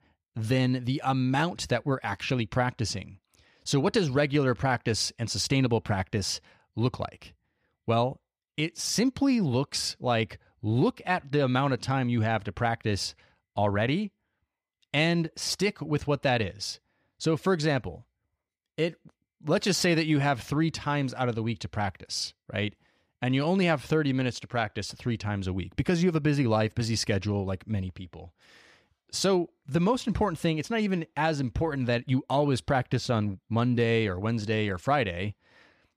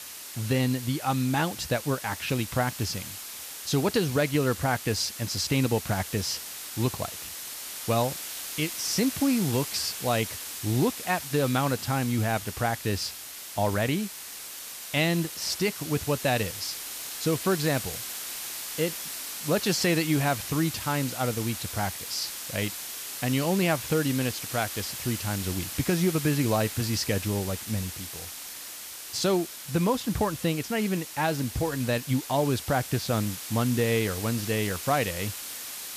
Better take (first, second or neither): first